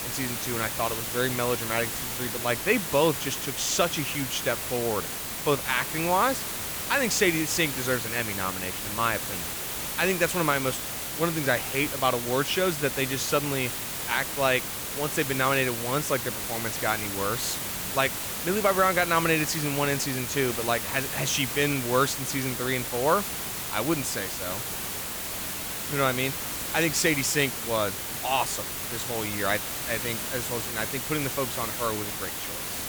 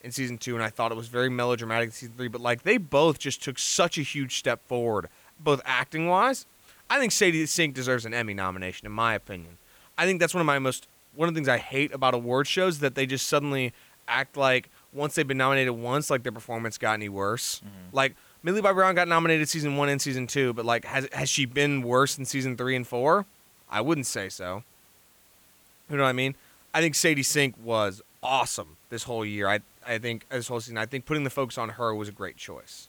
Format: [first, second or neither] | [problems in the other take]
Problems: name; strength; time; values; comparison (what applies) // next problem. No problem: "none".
second | hiss; loud; throughout; 3 dB below the speech; faint in the second